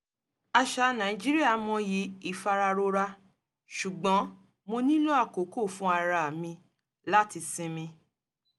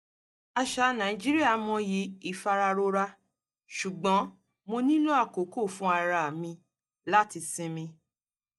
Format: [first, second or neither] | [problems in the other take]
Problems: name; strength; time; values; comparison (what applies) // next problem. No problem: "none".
first | noise reduction (neural mask model DeepFilterNet 3)